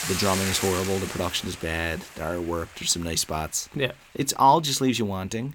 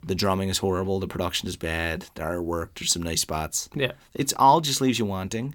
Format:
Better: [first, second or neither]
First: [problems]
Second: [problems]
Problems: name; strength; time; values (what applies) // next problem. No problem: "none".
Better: second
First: hiss; loud; throughout; 6 dB below the speech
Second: none